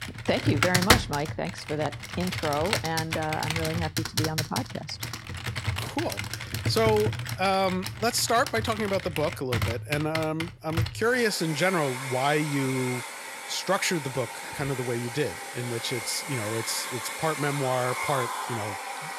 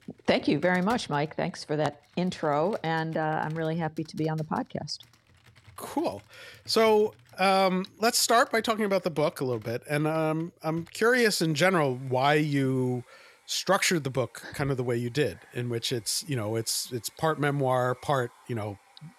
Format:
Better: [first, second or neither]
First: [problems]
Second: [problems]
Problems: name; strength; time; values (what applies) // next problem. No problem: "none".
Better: second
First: household noises; loud; throughout; 3 dB below the speech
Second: household noises; faint; throughout; 30 dB below the speech